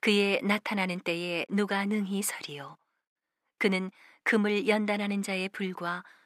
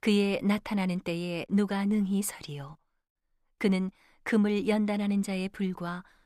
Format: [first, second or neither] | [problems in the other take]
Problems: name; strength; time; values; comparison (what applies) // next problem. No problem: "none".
second | thin; very slightly; fading below 250 Hz